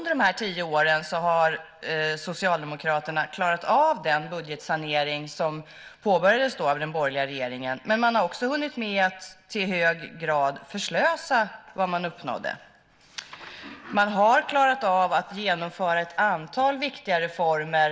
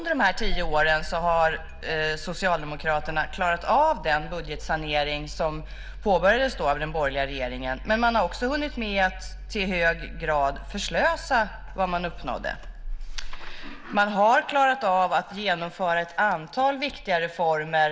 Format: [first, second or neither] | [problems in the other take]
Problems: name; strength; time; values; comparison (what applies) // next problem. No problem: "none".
first | background sound (Engine starting); 10 dB below the speech